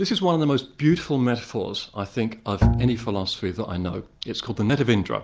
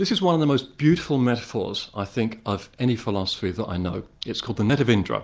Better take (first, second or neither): second